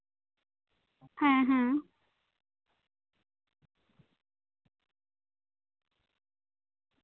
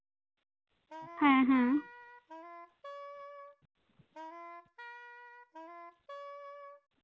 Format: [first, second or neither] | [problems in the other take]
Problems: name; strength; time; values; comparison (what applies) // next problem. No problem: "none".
first | background sound (Wind instrument, woodwind instrument); 13 dB below the speech